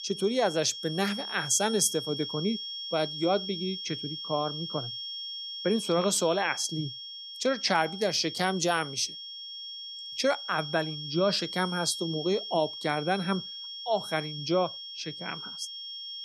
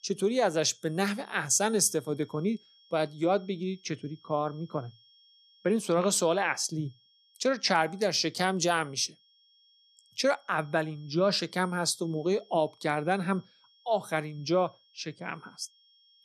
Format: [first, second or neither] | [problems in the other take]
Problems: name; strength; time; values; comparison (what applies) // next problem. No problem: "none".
second | high-pitched whine; loud; throughout; 3.5 kHz, 7 dB below the speech; faint in the second